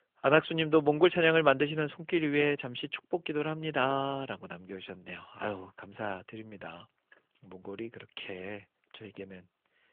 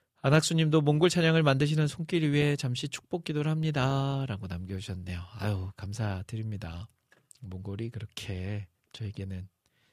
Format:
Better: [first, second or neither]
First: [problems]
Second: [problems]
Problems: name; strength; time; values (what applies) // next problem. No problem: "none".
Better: second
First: phone-call audio; nothing above 3.5 kHz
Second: none